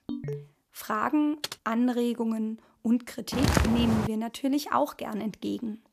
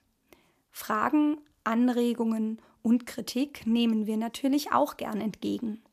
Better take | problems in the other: second | phone ringing; noticeable; at the start; peak 6 dB below the speech // keyboard typing; noticeable; at 1.5 s; peak 8 dB below the speech // footsteps; loud; at 3.5 s; peak 4 dB above the speech

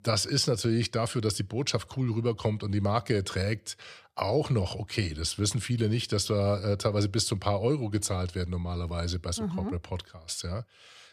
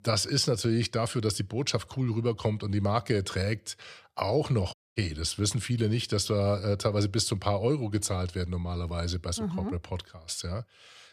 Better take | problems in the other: first | audio cutting out; at 4.5 s

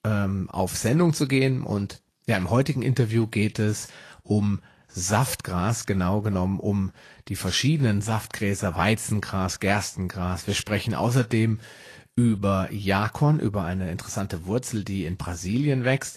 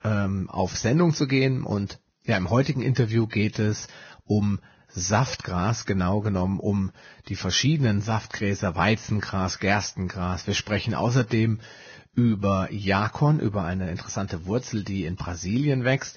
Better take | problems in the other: first | garbled, watery; badly; nothing above 6.5 kHz; slightly in the first

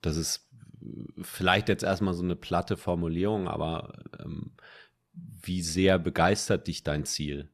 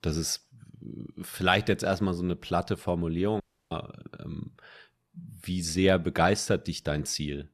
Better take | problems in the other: first | audio cutting out; at 3.5 s

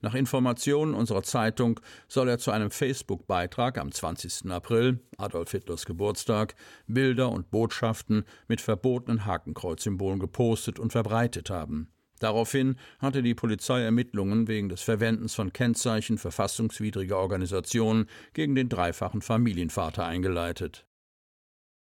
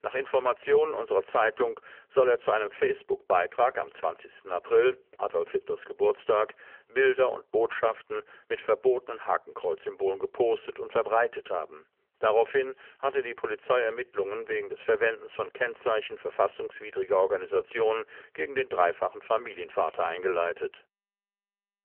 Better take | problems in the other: first | phone-call audio; poor line; nothing above 3 kHz

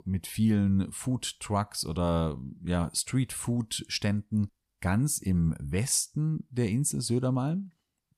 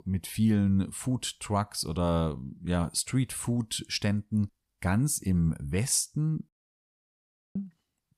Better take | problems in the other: first | audio cutting out; at 6.5 s for 1 s

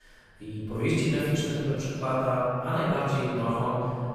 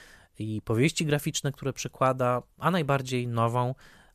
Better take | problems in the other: second | off-mic speech; far // room echo; strong; dies away in 2.6 s

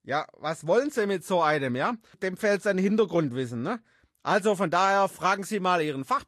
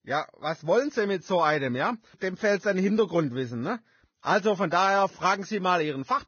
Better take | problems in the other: first | garbled, watery; badly; nothing above 6.5 kHz; slightly in the first

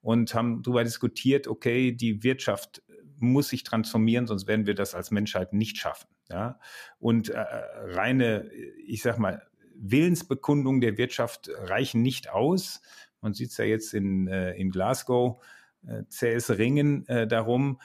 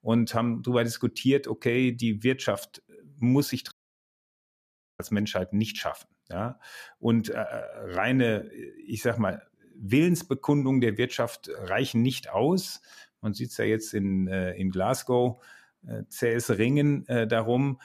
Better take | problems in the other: first | audio cutting out; at 3.5 s for 1.5 s

